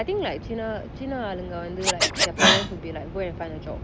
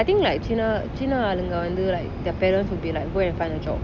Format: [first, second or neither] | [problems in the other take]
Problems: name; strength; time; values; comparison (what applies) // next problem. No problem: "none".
second | background sound (Scratching (performance technique)); 4 dB above the speech